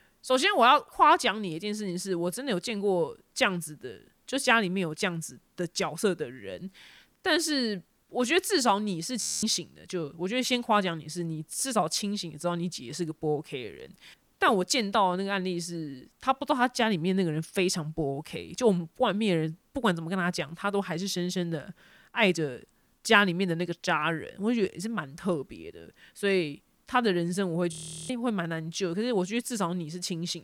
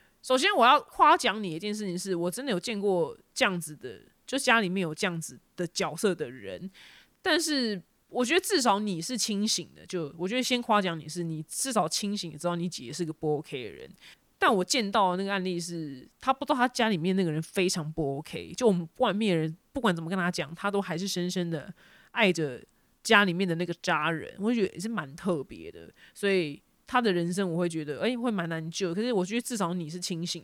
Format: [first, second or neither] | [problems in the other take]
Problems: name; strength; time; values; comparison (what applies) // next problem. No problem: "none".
second | audio freezing; at 9 s and at 28 s